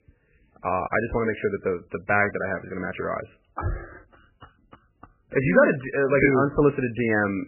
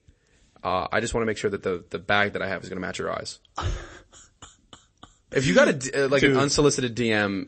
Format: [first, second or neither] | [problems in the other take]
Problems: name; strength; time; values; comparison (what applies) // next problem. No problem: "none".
second | garbled, watery; badly; nothing above 2.5 kHz; slightly in the second